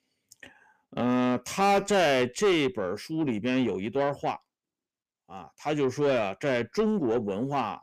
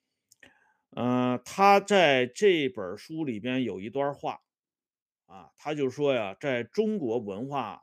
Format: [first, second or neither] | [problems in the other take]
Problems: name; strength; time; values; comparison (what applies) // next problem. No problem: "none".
second | distortion; heavy; 7 dB below the speech